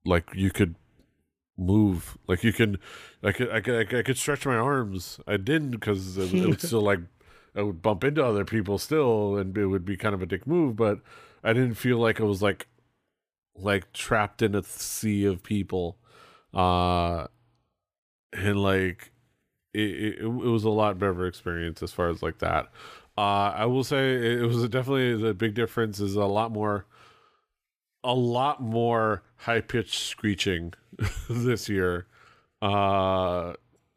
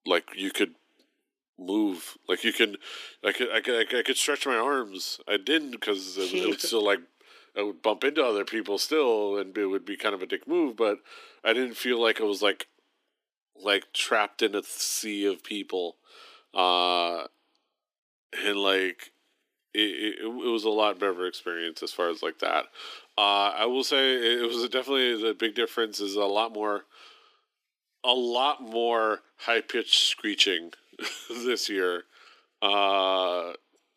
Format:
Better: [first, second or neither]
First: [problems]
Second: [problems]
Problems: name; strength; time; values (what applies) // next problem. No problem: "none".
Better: first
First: none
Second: thin; somewhat; fading below 300 Hz